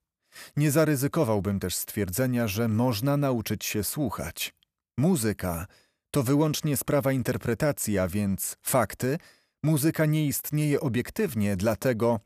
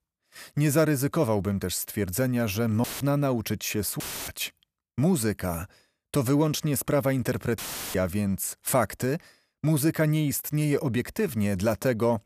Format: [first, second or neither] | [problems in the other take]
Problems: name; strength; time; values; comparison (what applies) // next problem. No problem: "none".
first | audio cutting out; filled with static; at 3 s, at 4 s and at 7.5 s